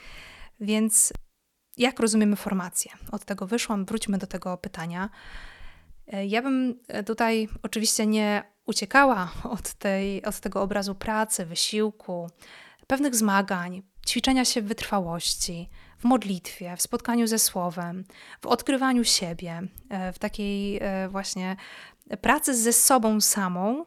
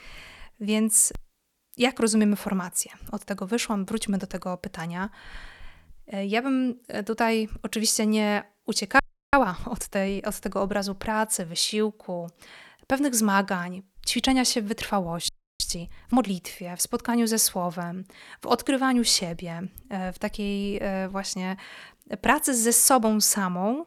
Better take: first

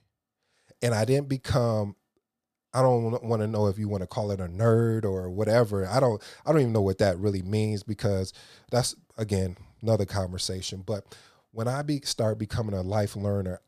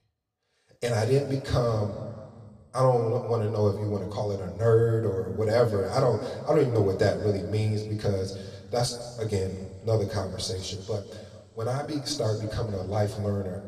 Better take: first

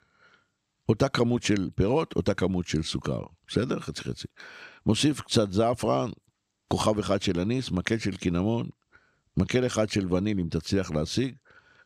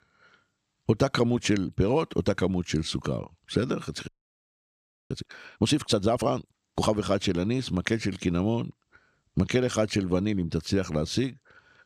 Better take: first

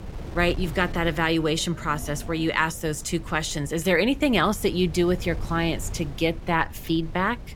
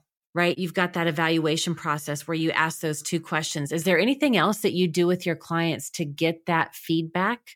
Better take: second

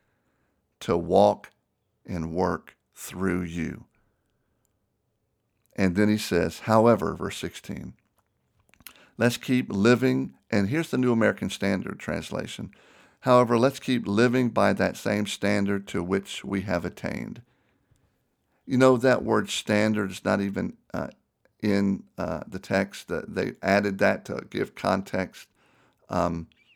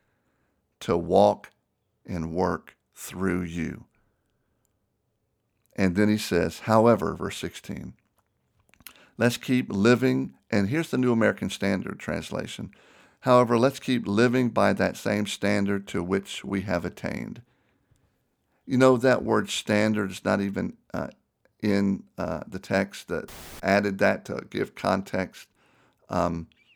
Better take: first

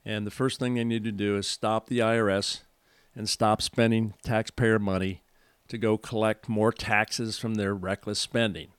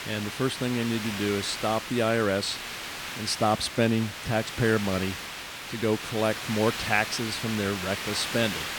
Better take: first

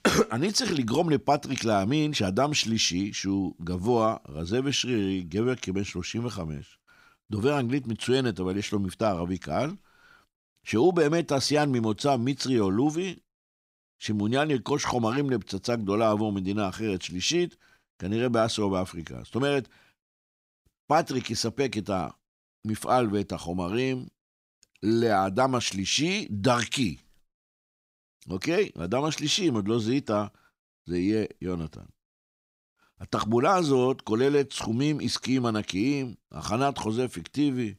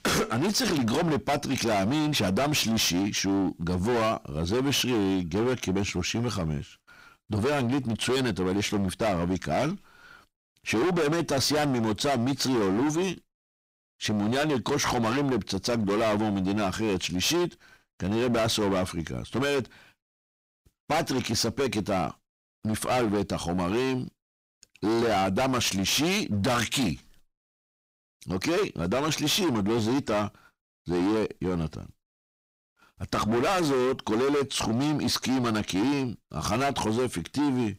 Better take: first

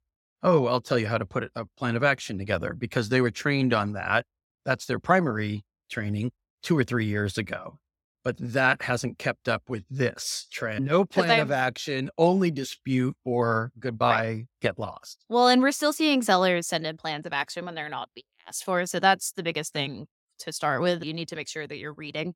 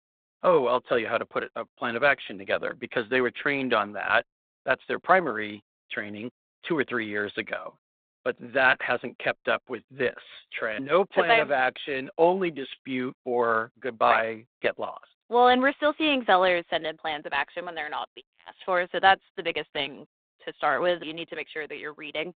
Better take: first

